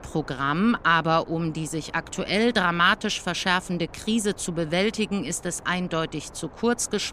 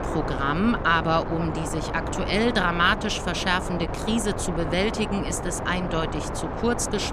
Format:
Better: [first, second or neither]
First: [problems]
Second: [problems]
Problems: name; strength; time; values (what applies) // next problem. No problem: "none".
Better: first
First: wind noise on the microphone; occasional gusts; 25 dB below the speech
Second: wind noise on the microphone; heavy; 7 dB below the speech